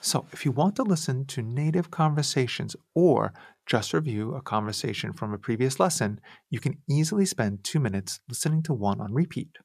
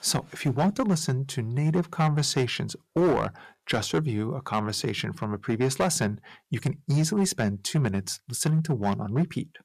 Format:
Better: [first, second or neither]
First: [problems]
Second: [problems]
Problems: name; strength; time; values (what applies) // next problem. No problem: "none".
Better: first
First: none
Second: distortion; slight; 5% of the sound clipped